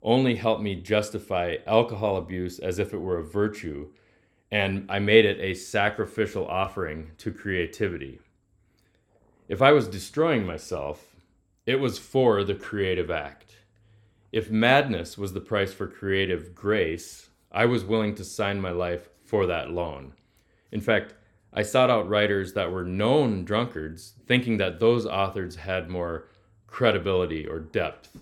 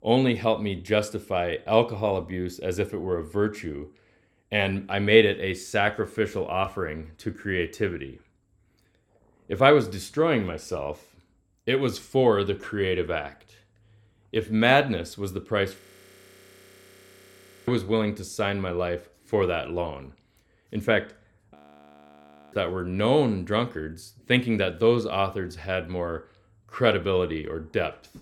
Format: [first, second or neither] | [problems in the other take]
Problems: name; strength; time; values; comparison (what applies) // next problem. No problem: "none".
first | audio freezing; at 16 s for 2 s and at 22 s for 1 s